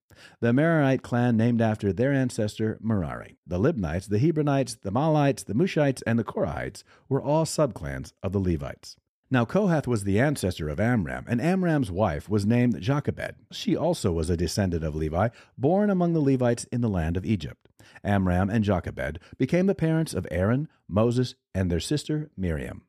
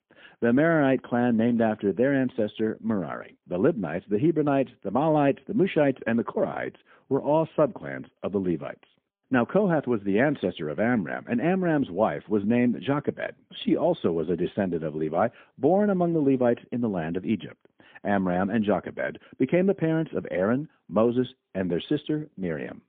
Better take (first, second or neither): first